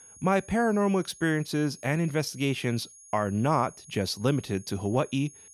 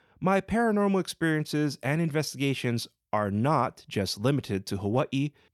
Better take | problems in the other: second | high-pitched whine; faint; throughout; 6.5 kHz, 20 dB below the speech

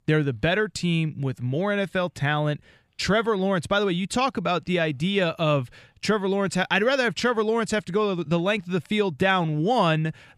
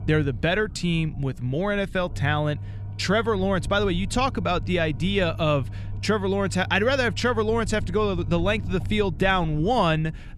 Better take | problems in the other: first | low rumble; faint; throughout; 25 dB below the speech

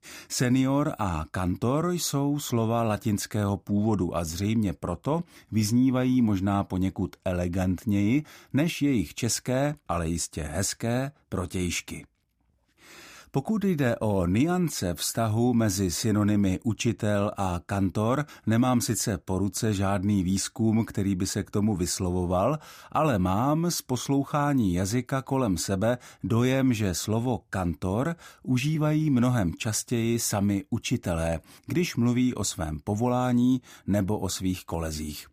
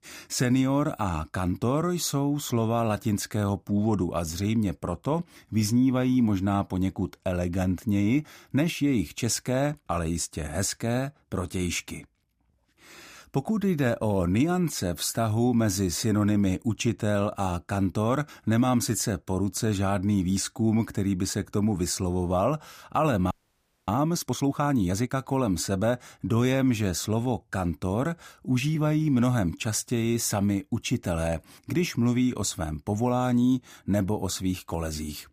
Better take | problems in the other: first | audio freezing; at 23 s for 0.5 s

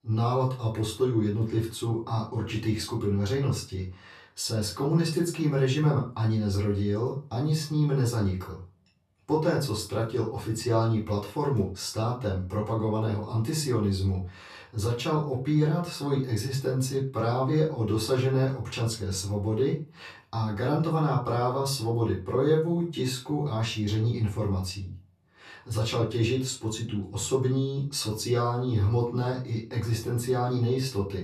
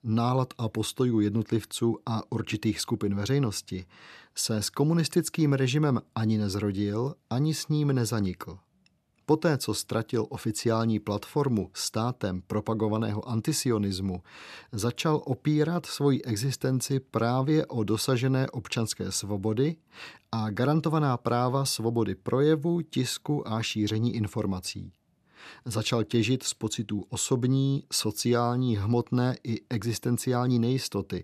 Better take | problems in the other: second | off-mic speech; far // room echo; slight; dies away in 0.3 s

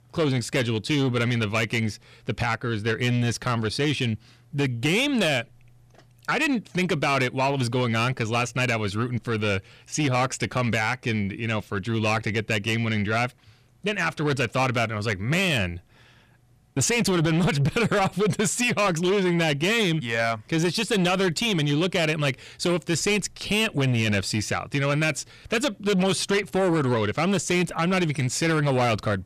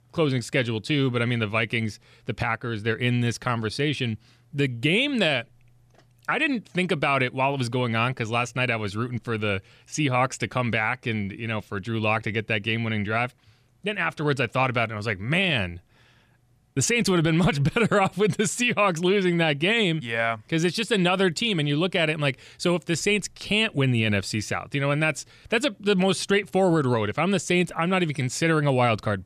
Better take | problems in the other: second | distortion; slight; 10 dB below the speech

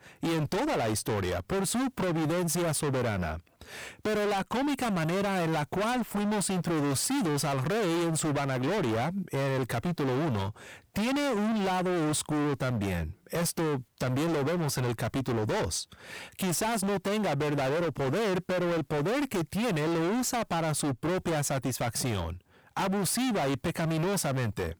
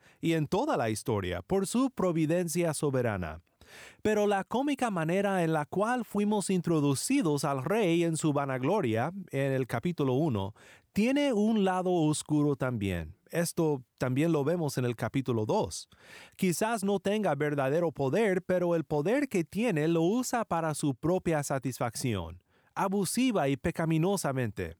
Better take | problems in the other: second | distortion; heavy; 43% of the sound clipped

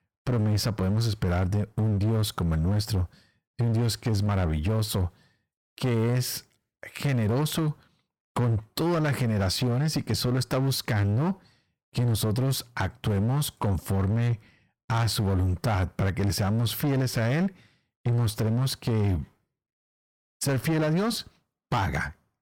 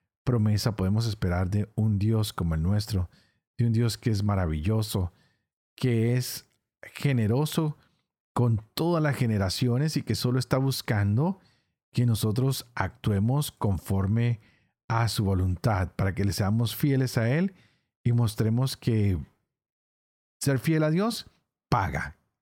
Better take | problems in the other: second | distortion; slight; 18% of the sound clipped

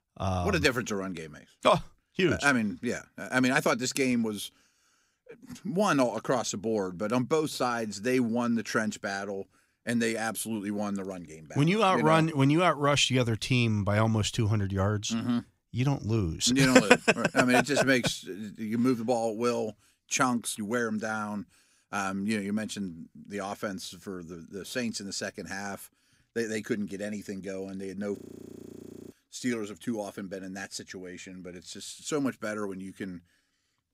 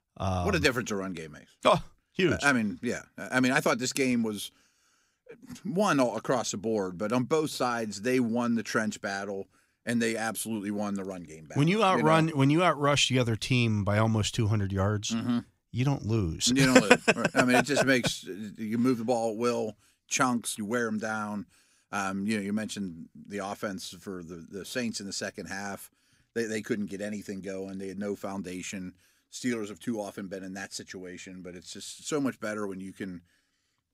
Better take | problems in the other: second | audio freezing; at 28 s for 1 s

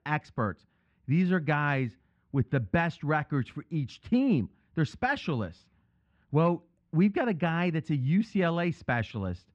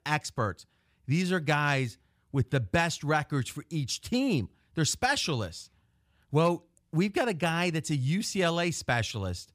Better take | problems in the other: second | muffled; very; fading above 2 kHz

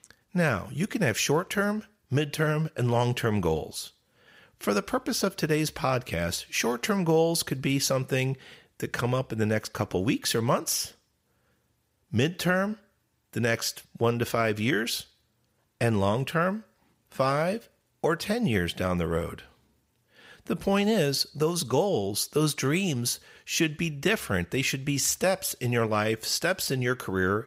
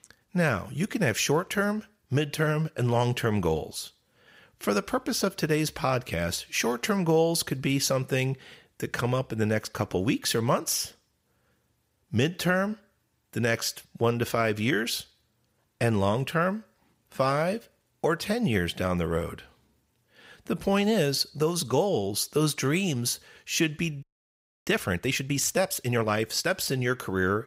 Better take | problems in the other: first | audio freezing; at 24 s for 0.5 s

